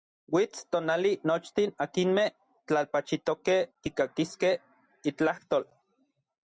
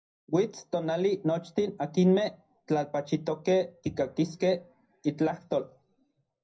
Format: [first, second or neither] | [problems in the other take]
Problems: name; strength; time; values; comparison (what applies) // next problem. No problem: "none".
first | room echo; dies away in 0.5 s